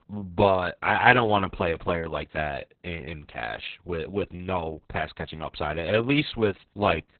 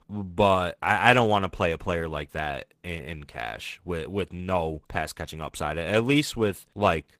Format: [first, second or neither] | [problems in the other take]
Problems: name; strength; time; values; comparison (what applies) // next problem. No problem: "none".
second | garbled, watery; badly; nothing above 4 kHz; slightly in the second